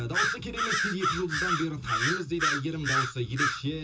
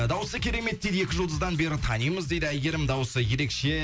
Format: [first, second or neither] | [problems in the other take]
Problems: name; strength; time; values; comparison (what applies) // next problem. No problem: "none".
second | background sound (Bird vocalization, bird call, bird song); 3 dB above the speech // room echo; dies away in 0.2 s